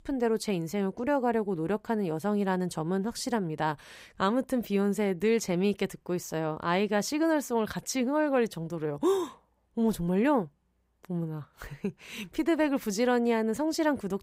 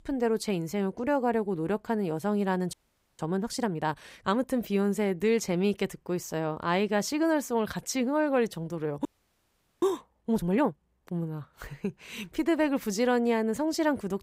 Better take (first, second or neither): first